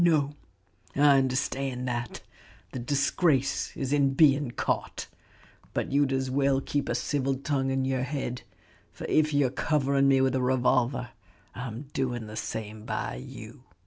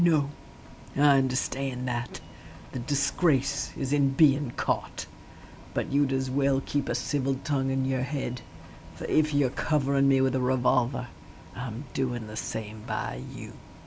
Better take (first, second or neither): first